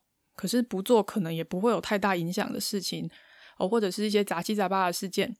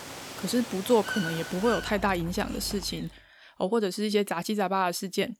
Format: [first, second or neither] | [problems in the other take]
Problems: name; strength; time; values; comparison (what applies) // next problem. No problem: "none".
first | animal sounds; loud; until 3 s; 9 dB below the speech